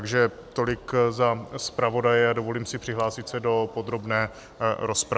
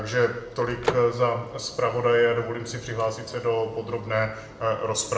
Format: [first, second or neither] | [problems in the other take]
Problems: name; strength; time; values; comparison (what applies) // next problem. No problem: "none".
first | background sound (Microwave oven); 13 dB below the speech // room echo; dies away in 0.9 s